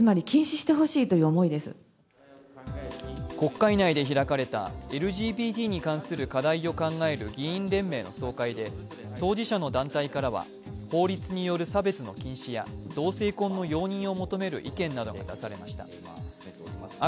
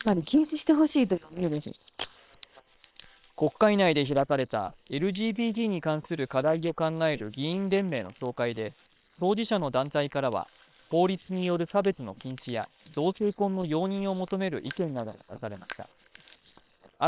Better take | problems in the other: first | noise reduction (neural separator model SepFormer WHAM!)

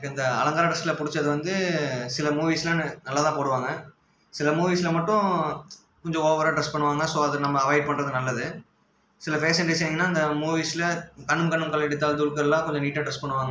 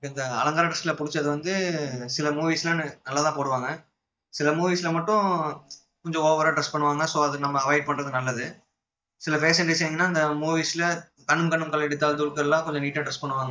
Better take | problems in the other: first | noise reduction (neural mask model DeepFilterNet 3)

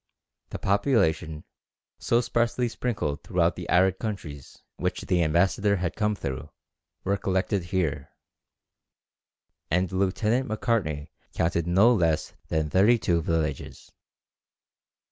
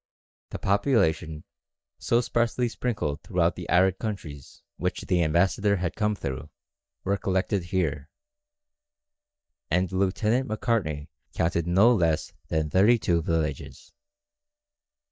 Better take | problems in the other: first | noise reduction (neural mask model DeepFilterNet 3)

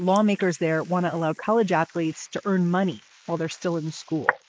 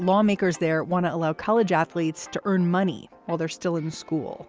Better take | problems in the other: second | noise reduction (neural mask model Resemble Enhance denoiser)

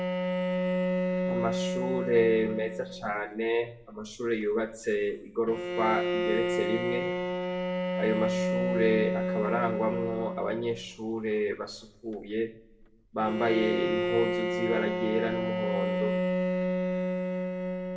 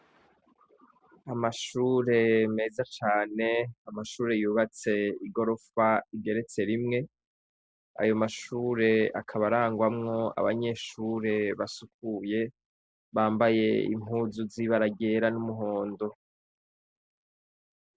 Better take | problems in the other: second | background sound (Bowed string instrument); as loud as the speech // room echo; dies away in 0.5 s

